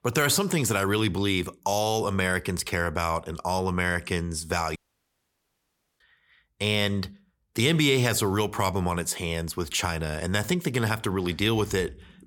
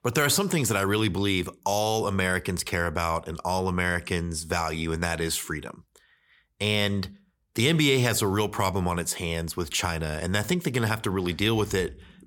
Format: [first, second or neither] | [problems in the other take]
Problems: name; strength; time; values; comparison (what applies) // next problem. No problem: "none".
second | audio cutting out; at 5 s for 1 s